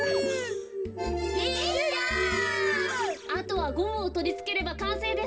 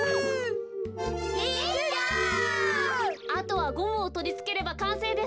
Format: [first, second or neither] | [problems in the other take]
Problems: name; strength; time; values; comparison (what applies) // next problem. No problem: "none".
second | background sound (Hi-hat); 20 dB below the speech // room echo; dies away in 2.1 s